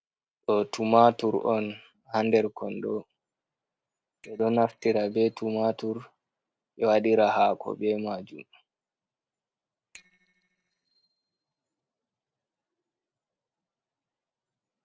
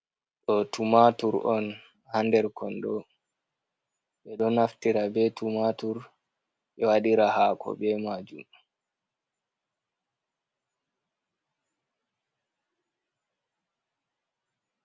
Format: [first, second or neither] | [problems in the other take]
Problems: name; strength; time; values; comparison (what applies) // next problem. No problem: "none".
second | noise reduction (neural separator model SepFormer DNS4)